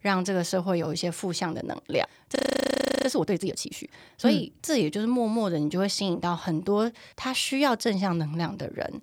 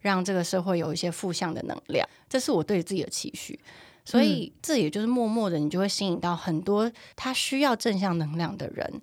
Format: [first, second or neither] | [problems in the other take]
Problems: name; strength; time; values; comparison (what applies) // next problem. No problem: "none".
second | audio freezing; at 2.5 s for 0.5 s